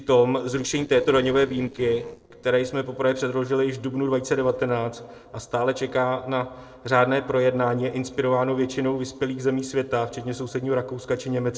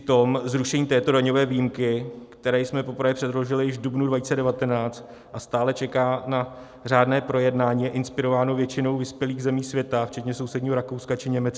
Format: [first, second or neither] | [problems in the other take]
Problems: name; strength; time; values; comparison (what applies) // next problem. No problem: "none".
second | noise reduction (neural separator model SepFormer DNS4)